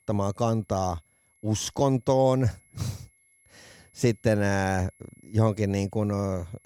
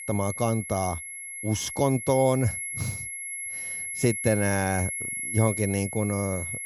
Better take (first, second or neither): first